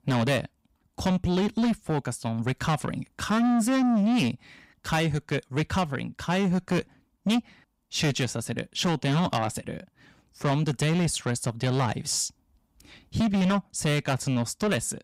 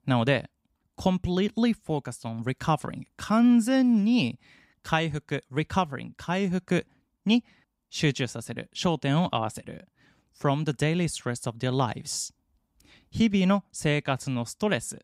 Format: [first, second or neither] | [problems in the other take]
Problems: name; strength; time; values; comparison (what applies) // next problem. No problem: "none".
second | distortion; heavy; 7 dB below the speech